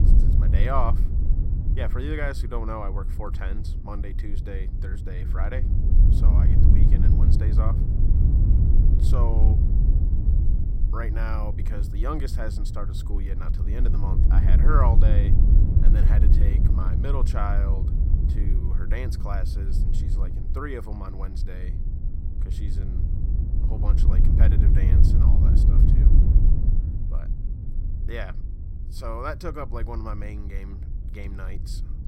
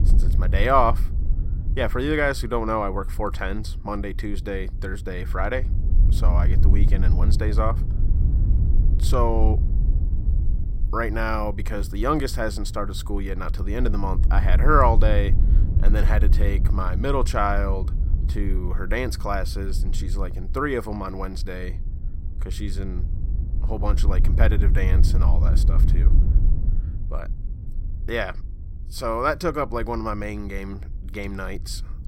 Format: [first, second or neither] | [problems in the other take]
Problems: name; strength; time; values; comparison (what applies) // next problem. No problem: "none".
second | wind noise on the microphone; heavy; 4 dB below the speech; occasional gusts in the second